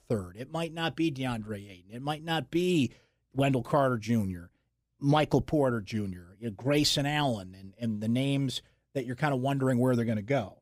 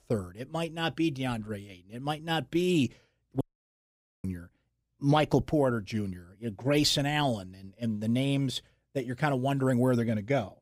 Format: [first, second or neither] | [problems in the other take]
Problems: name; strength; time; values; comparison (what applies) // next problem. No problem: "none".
first | audio cutting out; at 3.5 s for 1 s